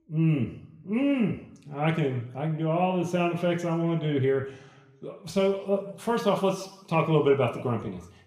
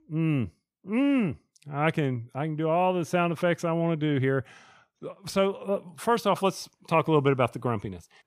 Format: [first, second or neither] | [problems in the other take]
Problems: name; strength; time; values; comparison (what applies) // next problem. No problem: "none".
second | room echo; slight; dies away in 0.8 s // off-mic speech; somewhat distant